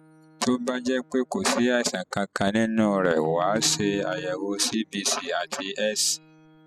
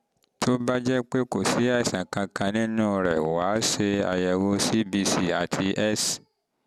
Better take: second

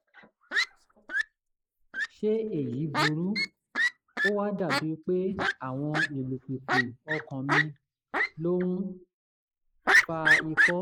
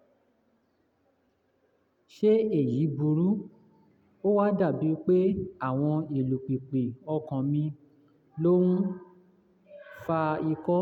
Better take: second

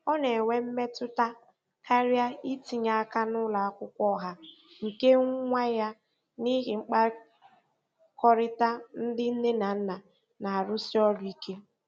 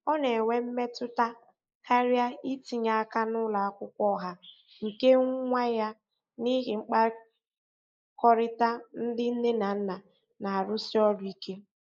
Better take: first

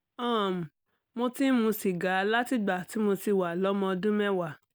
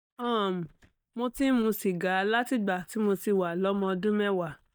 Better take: first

